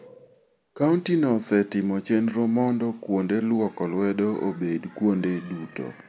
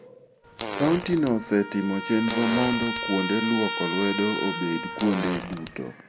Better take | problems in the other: first | background sound (Trumpet + Fart); 6 dB below the speech

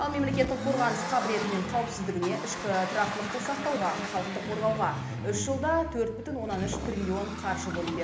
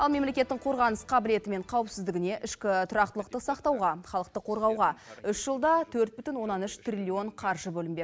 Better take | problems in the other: second | background sound (Accelerating, revving, vroom); 5 dB below the speech // room echo; dies away in 0.8 s

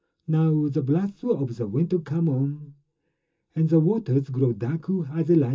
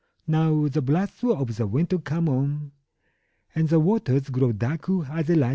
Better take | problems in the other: second | room echo; dies away in 0.2 s

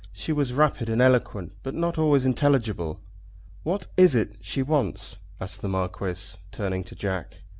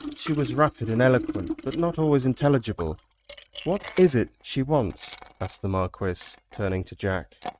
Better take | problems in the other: first | noise reduction (neural mask model RNNoise)

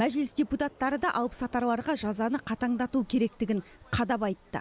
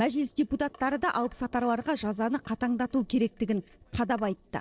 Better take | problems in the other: first | noise reduction (neural separator model SepFormer DNS4)

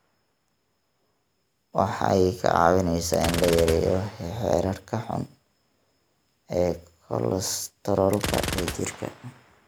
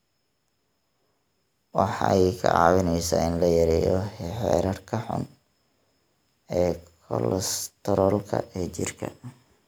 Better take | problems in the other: second | background sound (Gunshot, gunfire); 11 dB below the speech

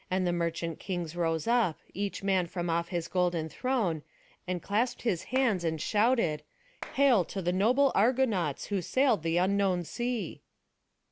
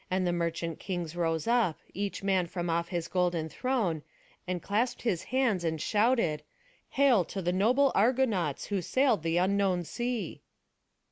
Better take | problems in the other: second | background sound (Clapping); 18 dB below the speech

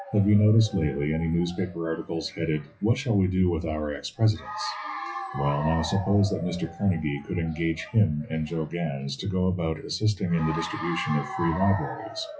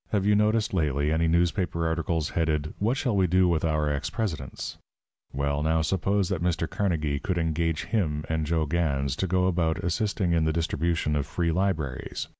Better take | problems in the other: second | noise reduction (classical method WPE with log-MMSE)

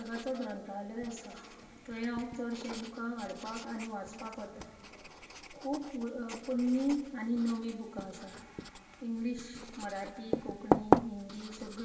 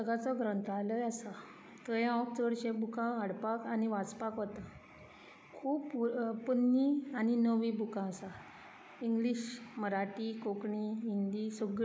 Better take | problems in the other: second | background sound (Writing); 1 dB below the speech // room echo; dies away in 2.2 s

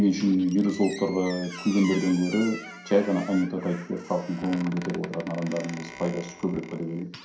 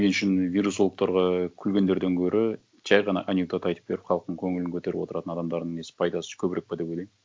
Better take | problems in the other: second | background sound (Squeak); 15 dB below the speech // room echo; dies away in 0.5 s

